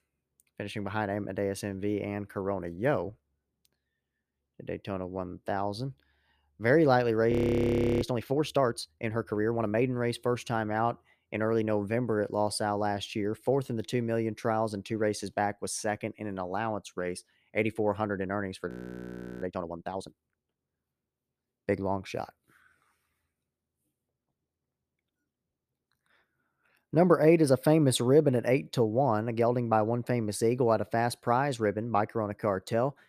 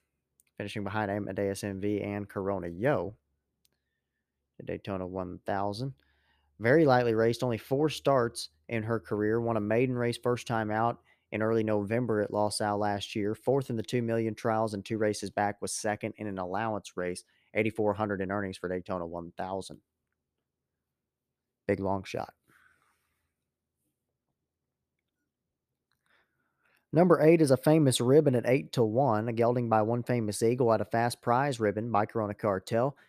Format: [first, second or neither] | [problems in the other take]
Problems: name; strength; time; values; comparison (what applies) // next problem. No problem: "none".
second | audio freezing; at 7.5 s for 0.5 s and at 19 s for 0.5 s